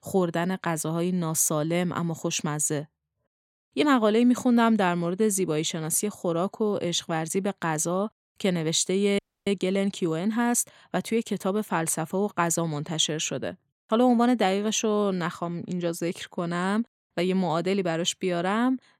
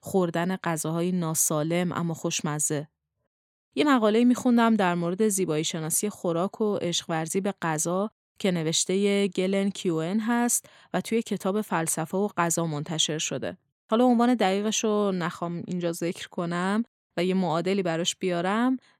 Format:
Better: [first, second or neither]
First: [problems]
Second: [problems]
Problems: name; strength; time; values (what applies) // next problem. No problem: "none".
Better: second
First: audio freezing; at 9 s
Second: none